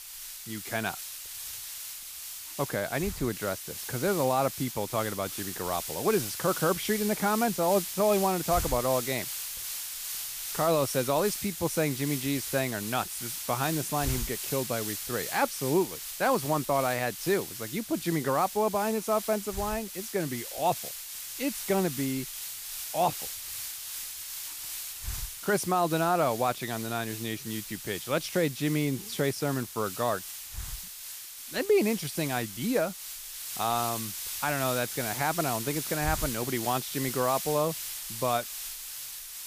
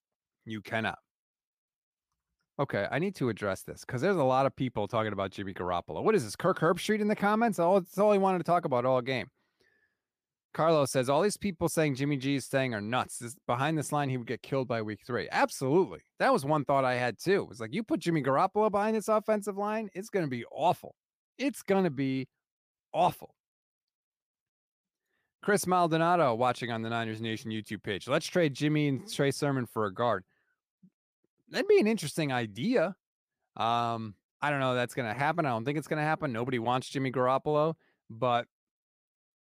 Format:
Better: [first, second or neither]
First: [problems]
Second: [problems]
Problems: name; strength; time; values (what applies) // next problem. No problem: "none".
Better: second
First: hiss; loud; throughout; 6 dB below the speech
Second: none